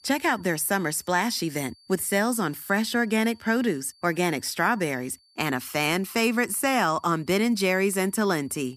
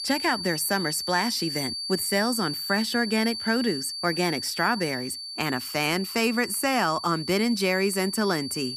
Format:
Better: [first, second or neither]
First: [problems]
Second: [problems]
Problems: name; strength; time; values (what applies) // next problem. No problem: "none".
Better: first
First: high-pitched whine; faint; throughout; 4.5 kHz, 30 dB below the speech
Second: high-pitched whine; loud; throughout; 4.5 kHz, 6 dB below the speech